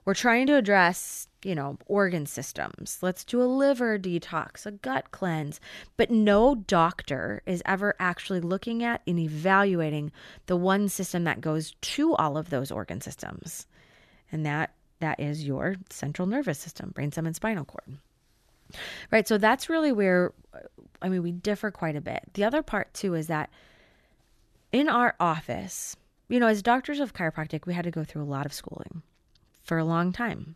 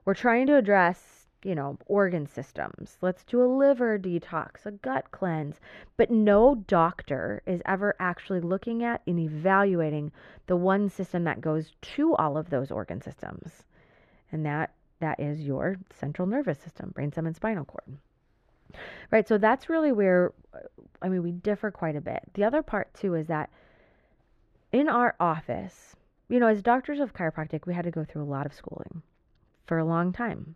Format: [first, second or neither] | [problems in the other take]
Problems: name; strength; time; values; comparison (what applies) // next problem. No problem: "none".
first | muffled; very; fading above 3.5 kHz